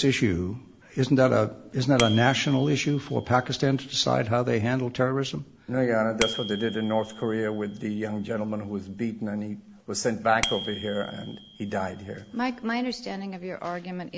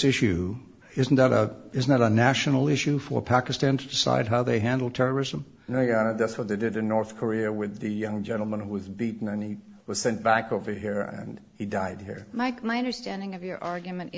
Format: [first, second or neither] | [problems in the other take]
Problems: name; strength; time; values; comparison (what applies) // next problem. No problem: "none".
second | background sound (Bicycle bell); 14 dB below the speech